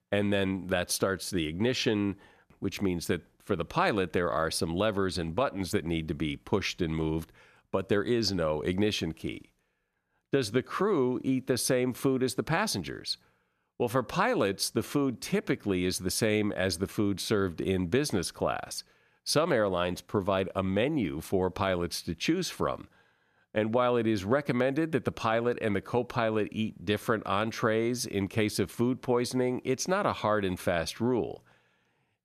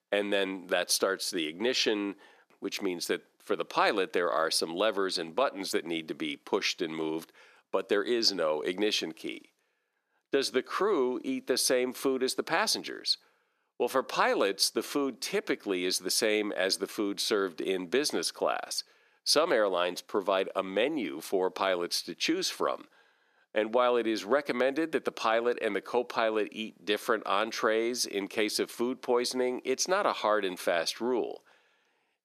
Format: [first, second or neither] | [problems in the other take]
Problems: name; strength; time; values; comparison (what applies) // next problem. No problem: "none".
first | thin; somewhat; fading below 300 Hz